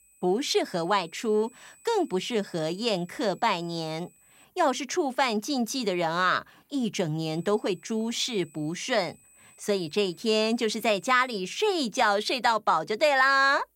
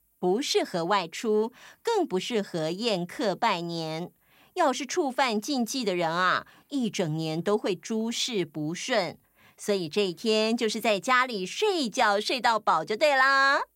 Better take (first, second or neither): second